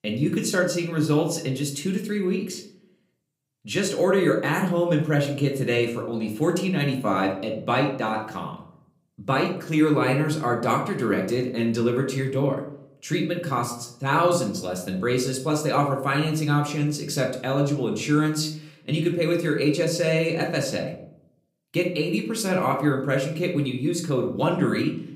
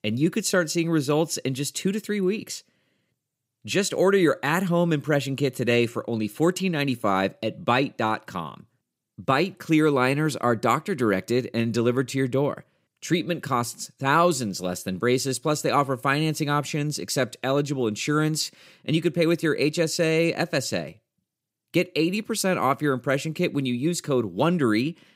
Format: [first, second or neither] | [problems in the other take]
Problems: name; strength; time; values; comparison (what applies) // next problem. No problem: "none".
second | room echo; slight; dies away in 0.5 s // off-mic speech; somewhat distant